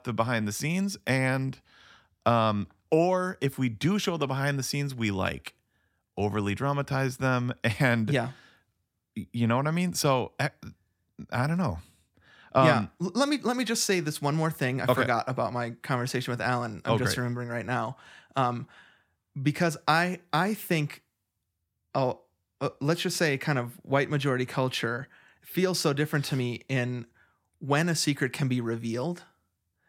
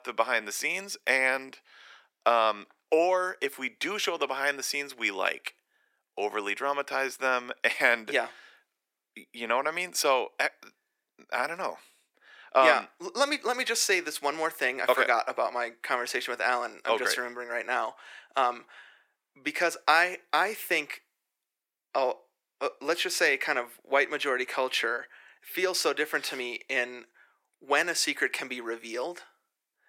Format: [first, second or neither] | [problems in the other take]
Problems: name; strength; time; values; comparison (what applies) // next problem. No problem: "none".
first | thin; very; fading below 400 Hz